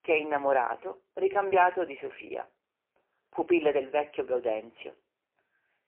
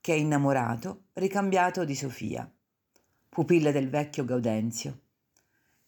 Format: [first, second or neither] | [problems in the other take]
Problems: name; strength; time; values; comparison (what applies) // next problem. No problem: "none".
second | phone-call audio; poor line; nothing above 3 kHz